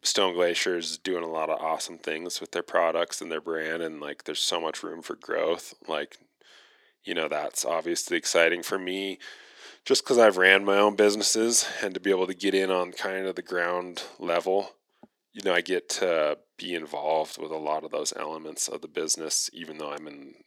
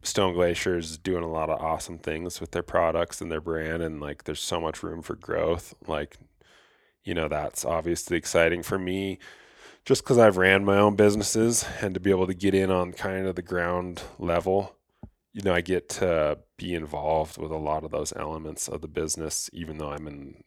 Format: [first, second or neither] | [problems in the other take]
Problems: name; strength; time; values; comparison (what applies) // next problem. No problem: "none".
second | thin; very slightly; fading below 250 Hz